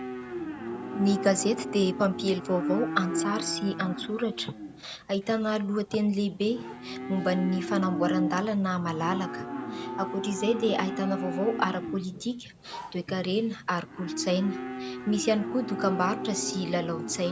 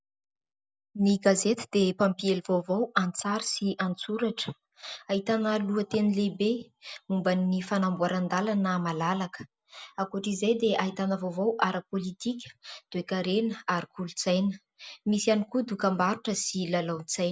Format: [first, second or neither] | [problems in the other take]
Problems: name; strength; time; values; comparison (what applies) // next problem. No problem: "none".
second | background sound (Livestock, farm animals, working animals); 6 dB below the speech